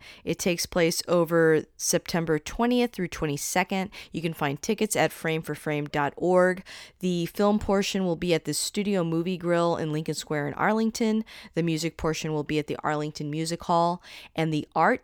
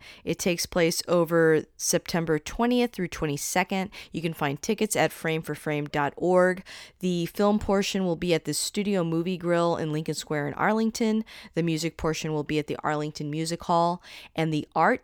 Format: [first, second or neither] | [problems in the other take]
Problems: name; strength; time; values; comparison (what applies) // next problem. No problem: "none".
neither | none